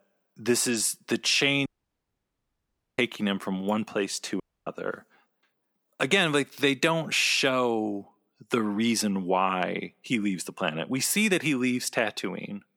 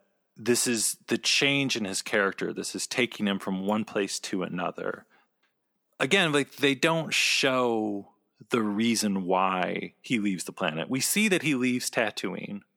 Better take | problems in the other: second | audio cutting out; at 1.5 s for 1.5 s and at 4.5 s

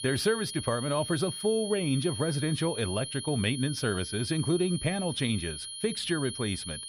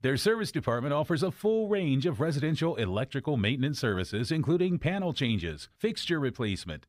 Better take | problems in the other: second | high-pitched whine; loud; throughout; 10.5 kHz, 7 dB below the speech

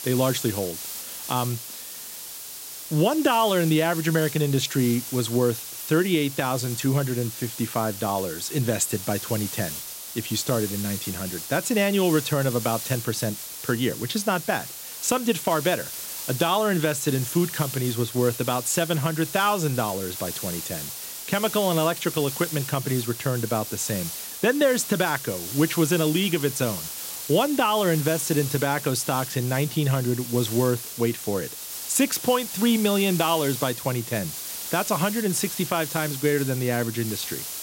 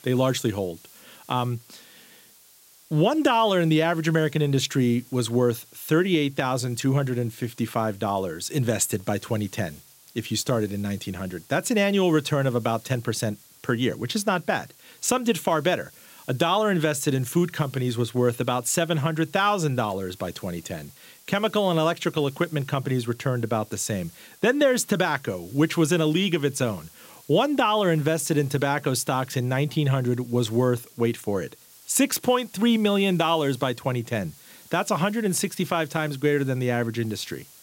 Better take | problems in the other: second | hiss; loud; throughout; 7 dB below the speech; faint in the second

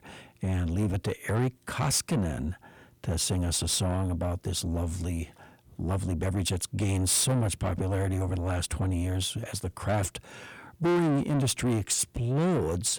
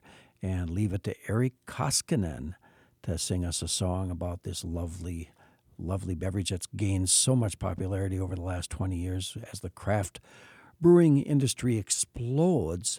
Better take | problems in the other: second | distortion; heavy; 6 dB below the speech

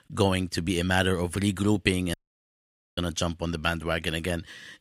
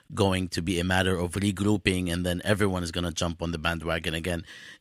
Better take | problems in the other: second | audio cutting out; at 2 s for 1 s

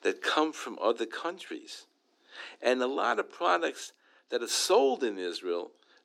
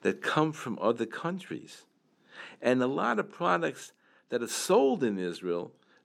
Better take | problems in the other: second | thin; somewhat; fading below 300 Hz

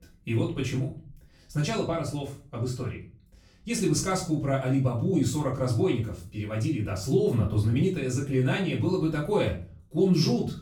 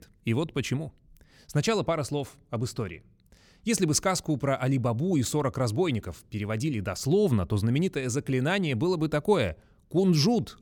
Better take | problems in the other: second | off-mic speech; far // room echo; slight; dies away in 0.3 s

